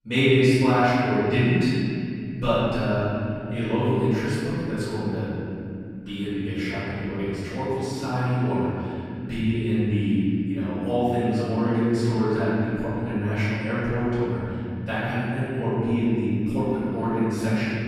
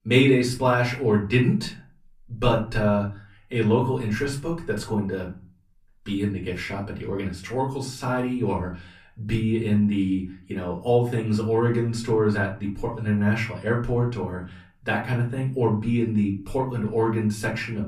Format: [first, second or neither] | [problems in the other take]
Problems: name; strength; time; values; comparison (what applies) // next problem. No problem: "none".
second | room echo; strong; dies away in 3 s; slight in the second // off-mic speech; far; far in the second